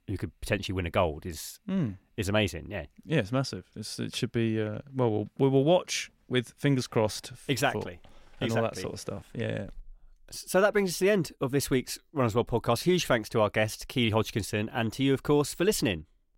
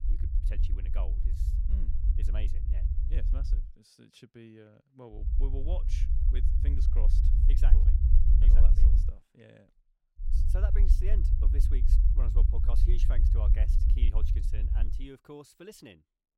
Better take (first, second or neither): first